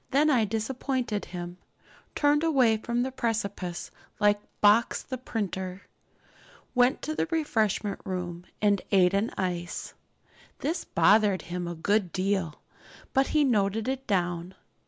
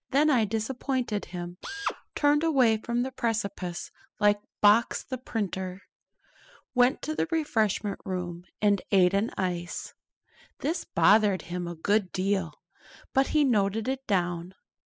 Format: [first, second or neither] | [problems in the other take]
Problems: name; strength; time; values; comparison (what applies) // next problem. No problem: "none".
first | noise reduction (classical method spectral subtraction)